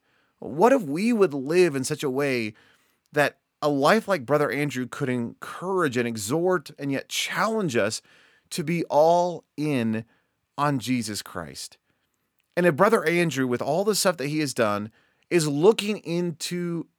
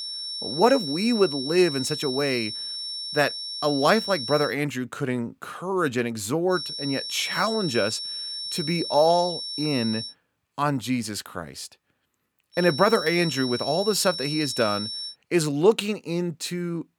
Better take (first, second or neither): first